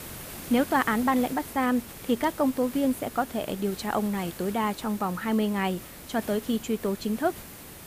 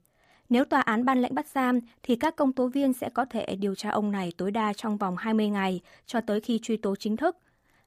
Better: second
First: hiss; noticeable; throughout; 15 dB below the speech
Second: none

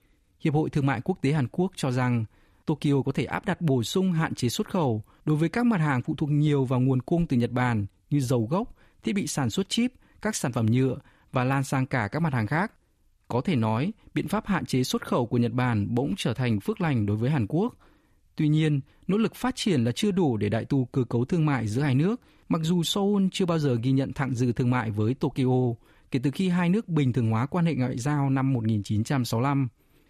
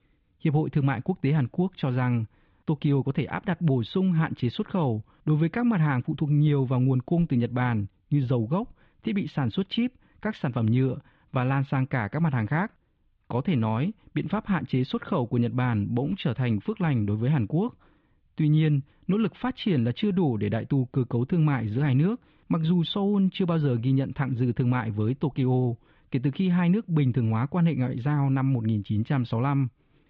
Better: first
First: none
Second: muffled; very; fading above 3.5 kHz

